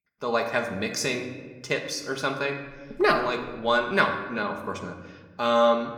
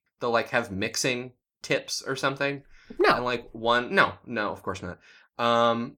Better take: second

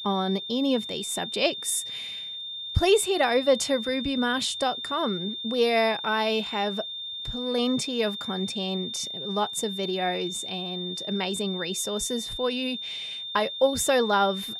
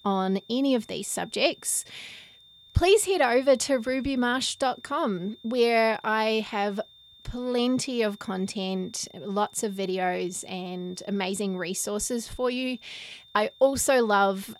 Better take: second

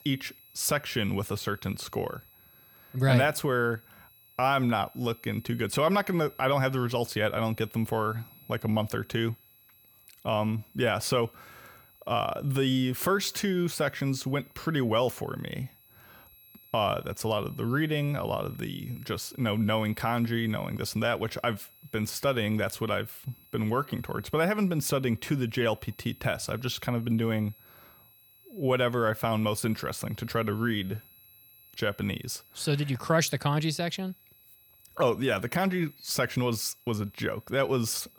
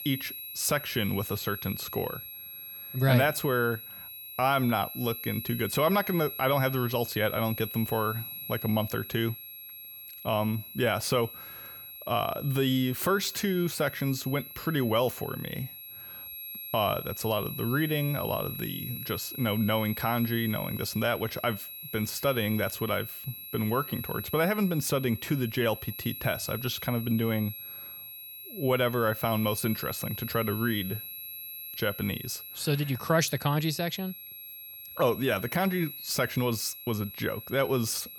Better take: first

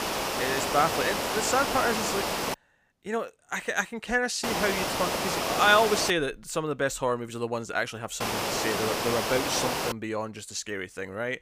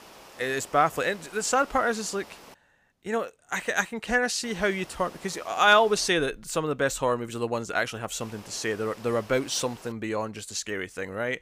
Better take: second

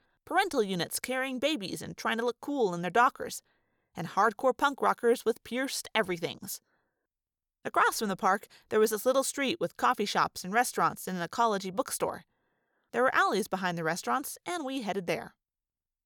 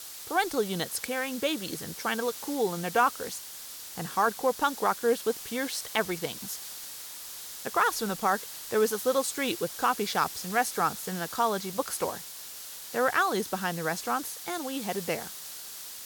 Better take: first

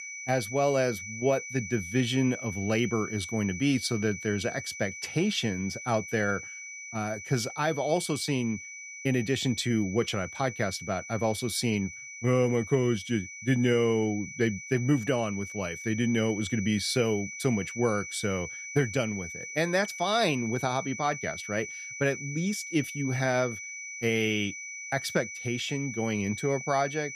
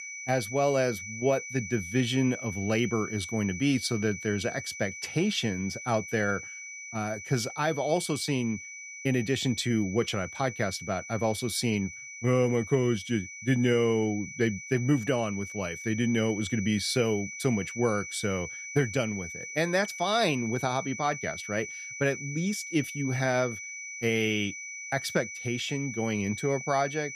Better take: neither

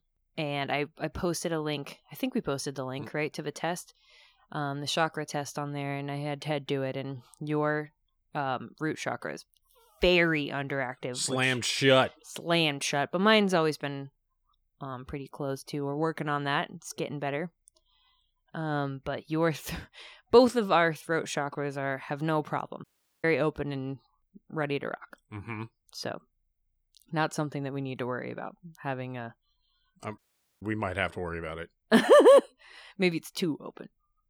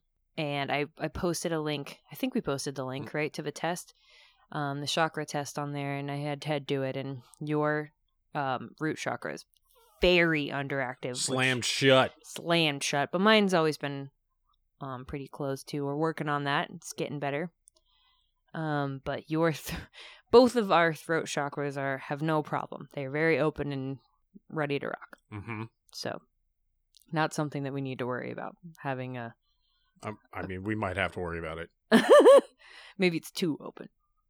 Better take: second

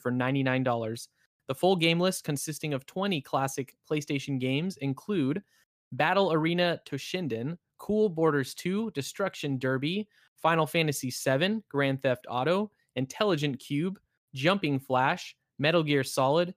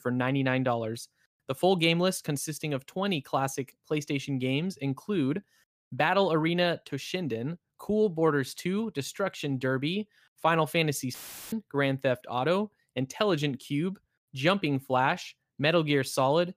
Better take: first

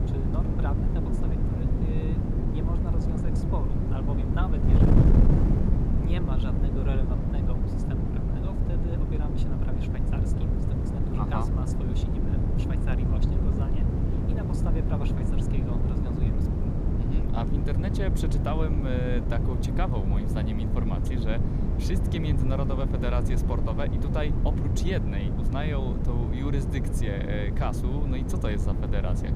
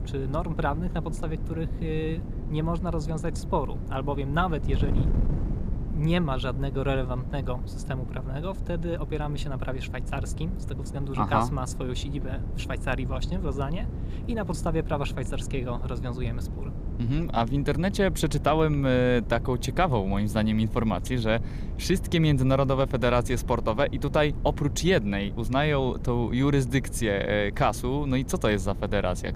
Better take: second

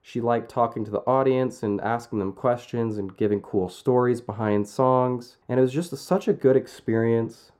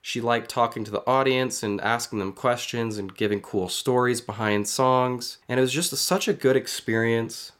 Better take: second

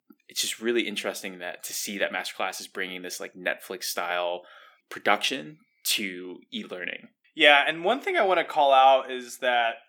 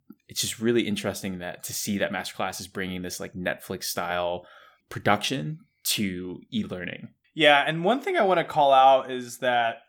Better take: second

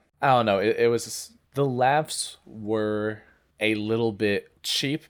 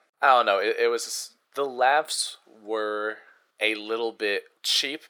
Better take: first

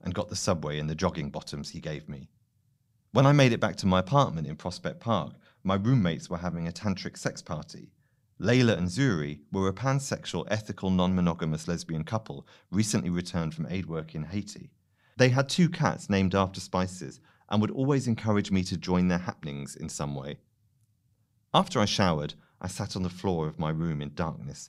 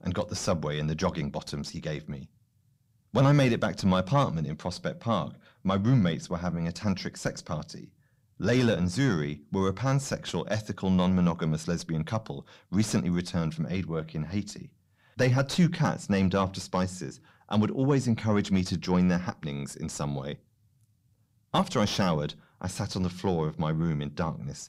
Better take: first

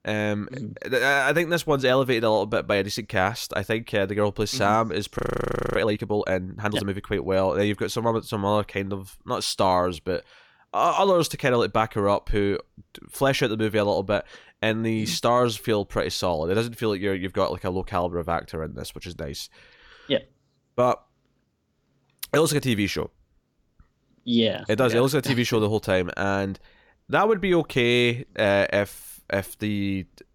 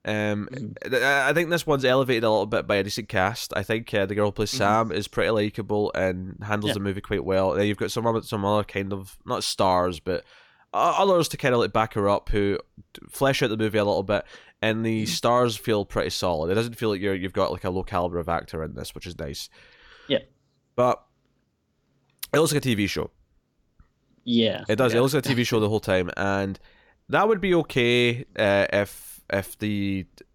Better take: second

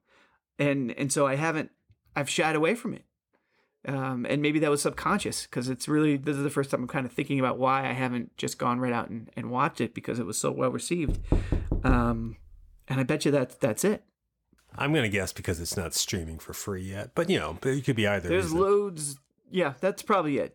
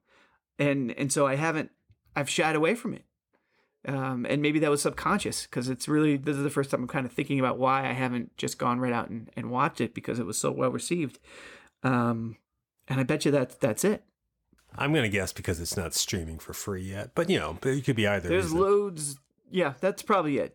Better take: second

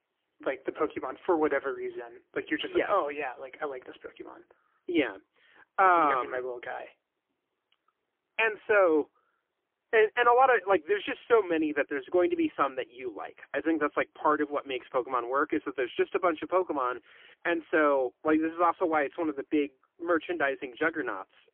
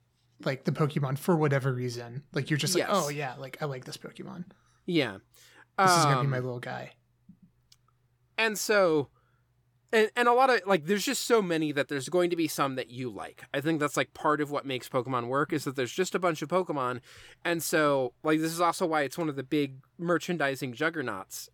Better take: second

